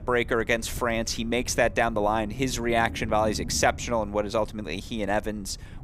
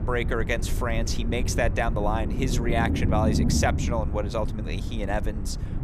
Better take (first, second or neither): first